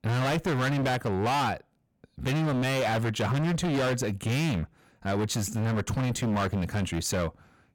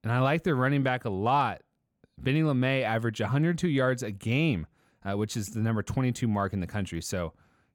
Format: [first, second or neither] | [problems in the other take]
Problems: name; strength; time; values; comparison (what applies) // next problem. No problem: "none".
second | distortion; heavy; 30% of the sound clipped